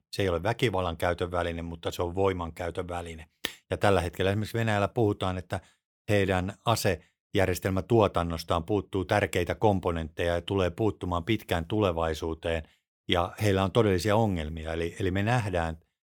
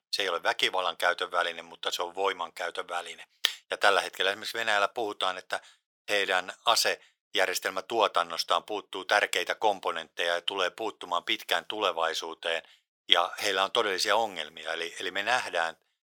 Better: first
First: none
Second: thin; very; fading below 700 Hz

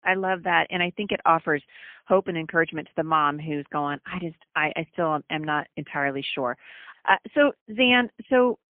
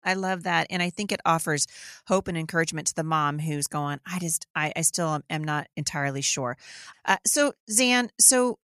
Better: second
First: phone-call audio; poor line; nothing above 3 kHz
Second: none

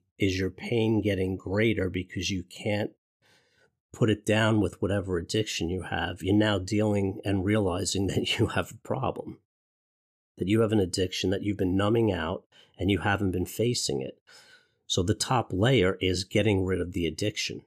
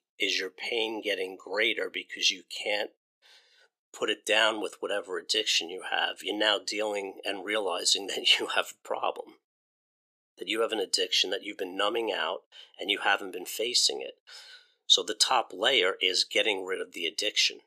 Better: first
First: none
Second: thin; very; fading below 500 Hz

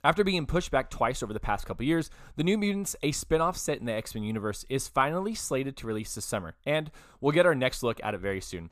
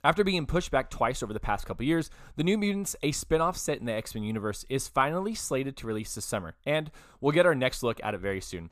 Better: neither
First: none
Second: none

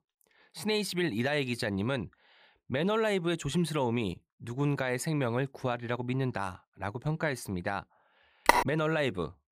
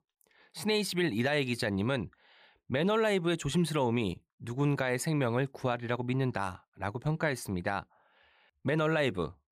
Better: second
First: phone ringing; loud; at 8.5 s; peak 6 dB above the speech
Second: none

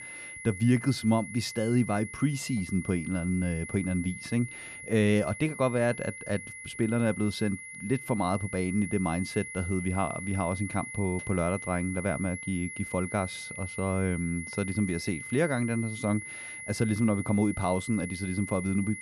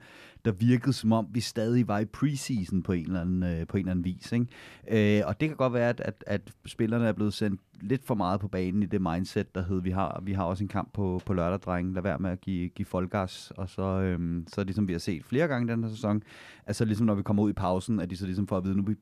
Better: second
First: high-pitched whine; loud; throughout; 2 kHz, 9 dB below the speech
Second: none

